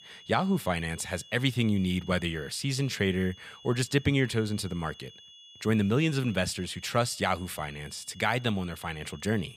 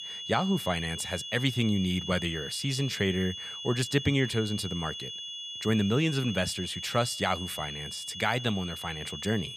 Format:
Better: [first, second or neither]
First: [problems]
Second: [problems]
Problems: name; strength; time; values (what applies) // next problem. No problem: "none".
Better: first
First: high-pitched whine; faint; throughout; 3.5 kHz, 20 dB below the speech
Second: high-pitched whine; loud; throughout; 3.5 kHz, 7 dB below the speech